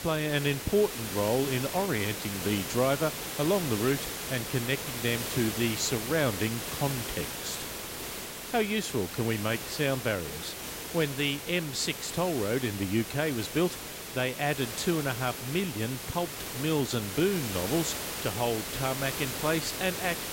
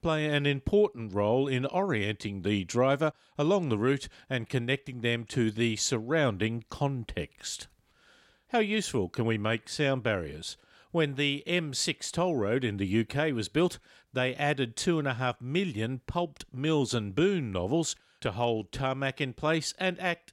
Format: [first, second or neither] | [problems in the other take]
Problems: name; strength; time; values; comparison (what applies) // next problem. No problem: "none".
second | hiss; loud; throughout; 5 dB below the speech